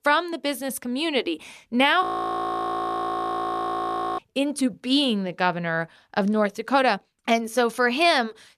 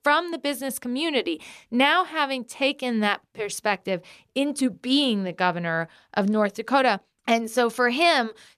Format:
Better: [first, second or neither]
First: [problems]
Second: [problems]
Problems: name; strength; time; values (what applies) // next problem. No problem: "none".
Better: second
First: audio freezing; at 2 s for 2 s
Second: none